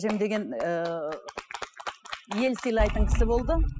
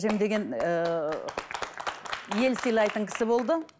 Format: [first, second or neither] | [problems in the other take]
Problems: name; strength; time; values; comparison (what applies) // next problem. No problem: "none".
second | noise reduction (classical method spectral subtraction)